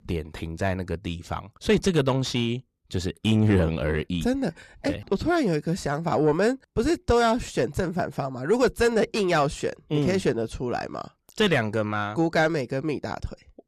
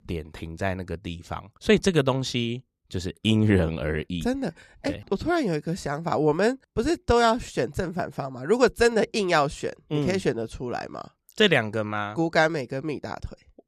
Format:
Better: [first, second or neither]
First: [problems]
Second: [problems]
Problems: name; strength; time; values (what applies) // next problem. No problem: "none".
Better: second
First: distortion; slight; 10 dB below the speech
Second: none